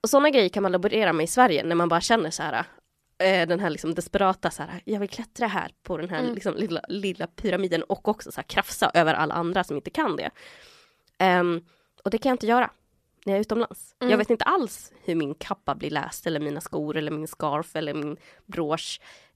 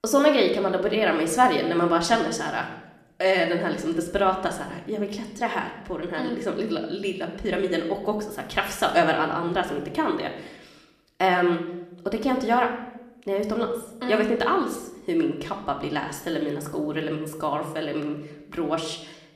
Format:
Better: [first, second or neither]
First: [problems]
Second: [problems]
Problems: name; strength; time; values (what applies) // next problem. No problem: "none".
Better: first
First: none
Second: room echo; slight; dies away in 0.7 s